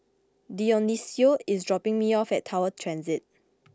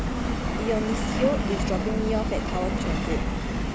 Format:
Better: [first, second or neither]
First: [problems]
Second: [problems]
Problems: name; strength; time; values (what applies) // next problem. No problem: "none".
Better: first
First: none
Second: background sound (Subway, metro, underground); 4 dB above the speech